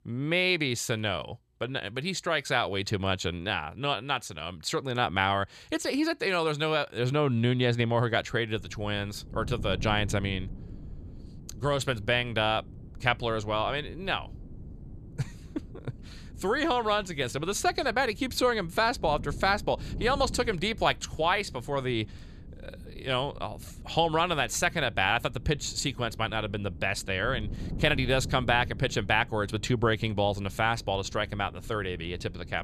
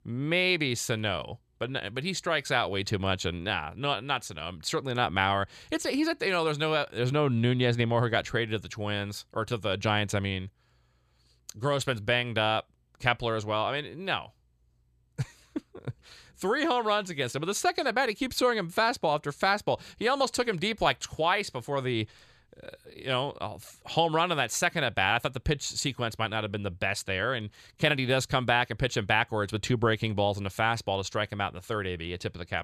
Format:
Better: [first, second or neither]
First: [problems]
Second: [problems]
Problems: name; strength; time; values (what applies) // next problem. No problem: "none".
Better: second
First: wind noise on the microphone; occasional gusts; from 8.5 s on; 25 dB below the speech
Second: none